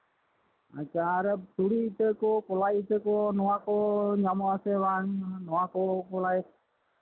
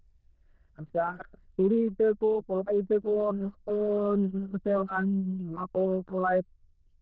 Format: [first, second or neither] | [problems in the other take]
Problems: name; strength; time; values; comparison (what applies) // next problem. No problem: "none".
first | noise reduction (neural diffusion model UNIVERSE++)